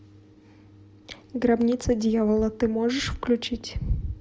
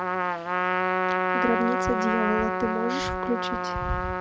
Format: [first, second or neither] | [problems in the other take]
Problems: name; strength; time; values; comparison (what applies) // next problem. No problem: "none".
first | background sound (Trumpet); 4 dB above the speech